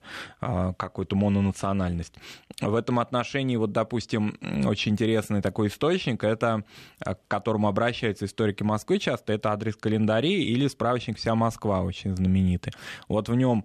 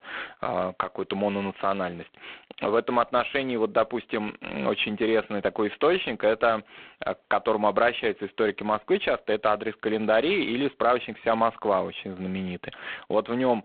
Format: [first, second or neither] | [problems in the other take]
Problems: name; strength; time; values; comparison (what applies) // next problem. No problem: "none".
first | phone-call audio; poor line; nothing above 3.5 kHz